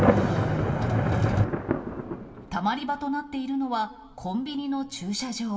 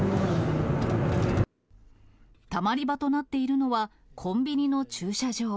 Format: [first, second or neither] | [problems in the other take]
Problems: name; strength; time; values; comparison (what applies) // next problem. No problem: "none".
second | background sound (Thunder); 4 dB below the speech // room echo; dies away in 1.3 s